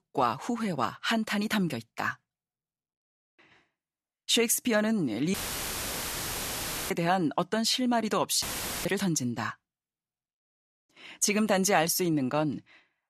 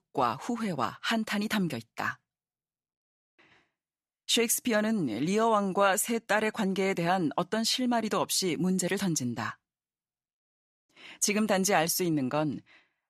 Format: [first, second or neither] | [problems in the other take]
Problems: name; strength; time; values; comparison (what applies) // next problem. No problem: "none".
second | audio cutting out; filled with static; at 5.5 s for 1.5 s and at 8.5 s